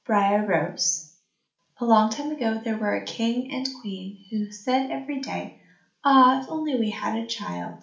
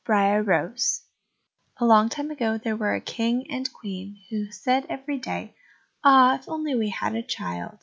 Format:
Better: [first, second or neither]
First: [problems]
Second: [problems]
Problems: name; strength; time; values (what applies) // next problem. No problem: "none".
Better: second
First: room echo; dies away in 0.4 s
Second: none